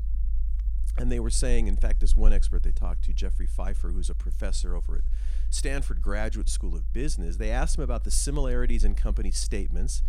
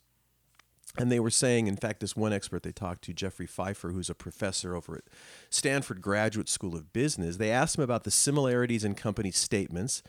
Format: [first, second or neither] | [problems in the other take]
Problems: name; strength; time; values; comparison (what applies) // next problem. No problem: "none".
second | low rumble; noticeable; throughout; 20 dB below the speech